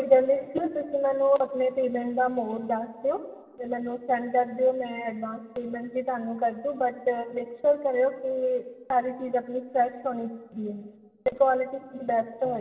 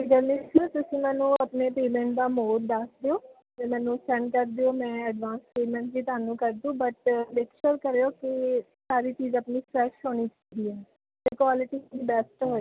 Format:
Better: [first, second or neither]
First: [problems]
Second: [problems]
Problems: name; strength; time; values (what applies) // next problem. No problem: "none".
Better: second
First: room echo; dies away in 1.9 s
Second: none